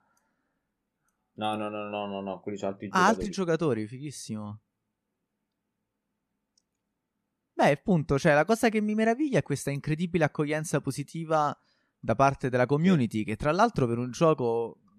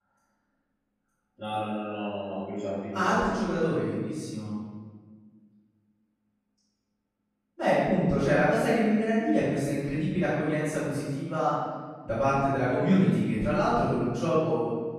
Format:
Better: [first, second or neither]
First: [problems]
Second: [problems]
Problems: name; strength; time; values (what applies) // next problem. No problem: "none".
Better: first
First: none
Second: off-mic speech; far // room echo; strong; dies away in 1.4 s